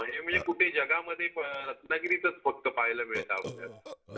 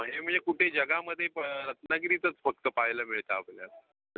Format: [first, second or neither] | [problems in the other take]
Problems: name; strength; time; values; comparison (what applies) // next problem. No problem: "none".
second | background sound (Burping, eructation); 15 dB below the speech // room echo; dies away in 0.3 s